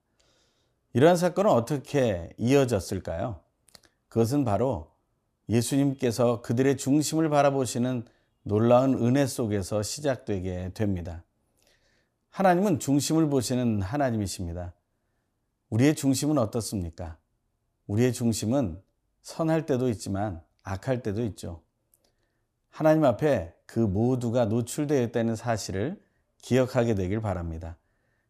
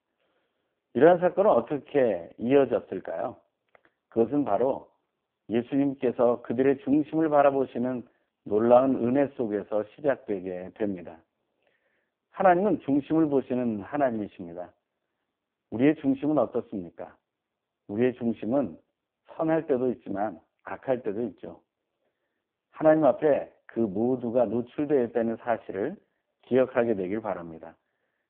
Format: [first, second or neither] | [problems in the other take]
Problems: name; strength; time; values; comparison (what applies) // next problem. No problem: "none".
first | phone-call audio; poor line